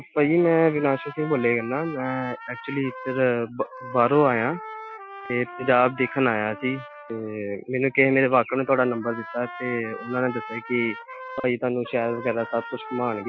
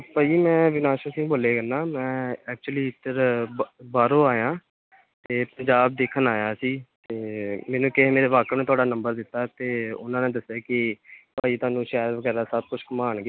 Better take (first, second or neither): second